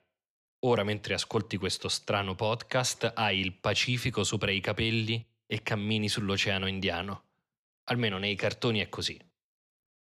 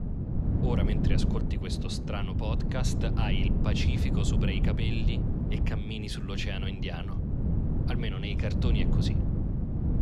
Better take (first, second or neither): first